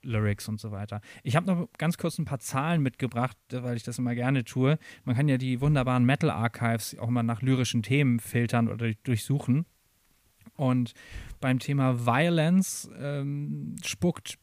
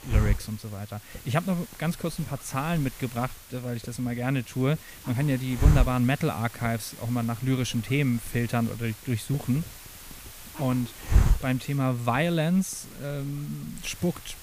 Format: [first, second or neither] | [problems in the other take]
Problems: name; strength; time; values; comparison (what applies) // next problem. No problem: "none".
first | hiss; loud; throughout; 5 dB below the speech; faint in the first